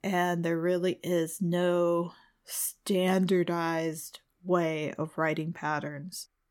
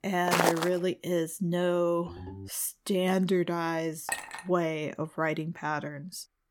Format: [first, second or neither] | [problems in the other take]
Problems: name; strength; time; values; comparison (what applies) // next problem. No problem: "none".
first | footsteps; loud; at 0.5 s; peak 4 dB above the speech // phone ringing; faint; at 2 s; peak 15 dB below the speech // clattering dishes; noticeable; at 4 s; peak 5 dB below the speech